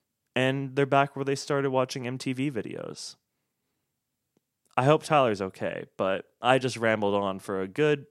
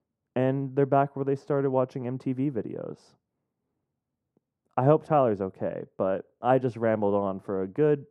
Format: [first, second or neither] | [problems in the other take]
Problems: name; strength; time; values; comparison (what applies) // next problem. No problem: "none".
first | muffled; very; fading above 2 kHz